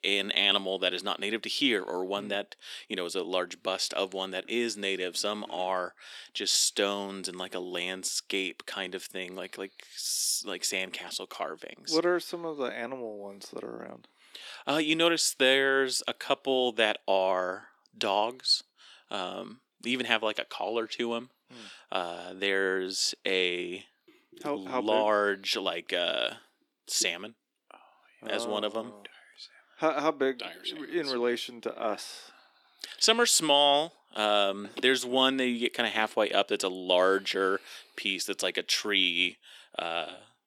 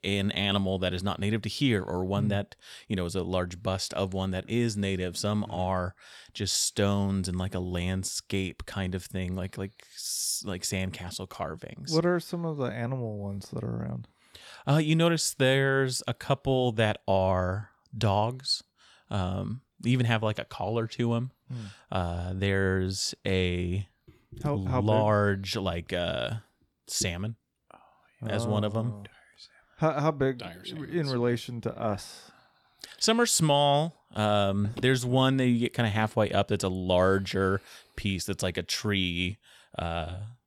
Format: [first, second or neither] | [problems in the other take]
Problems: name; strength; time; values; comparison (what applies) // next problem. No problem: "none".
second | thin; somewhat; fading below 300 Hz